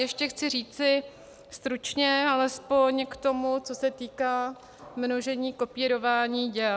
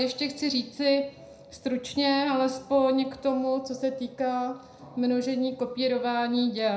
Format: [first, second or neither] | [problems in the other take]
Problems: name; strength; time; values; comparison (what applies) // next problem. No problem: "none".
first | room echo; dies away in 0.5 s